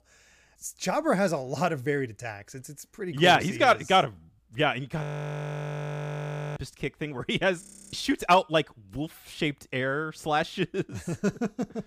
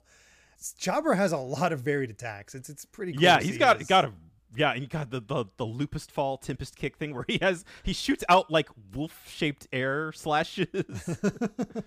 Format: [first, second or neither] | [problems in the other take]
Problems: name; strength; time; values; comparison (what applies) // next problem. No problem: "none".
second | audio freezing; at 5 s for 1.5 s and at 7.5 s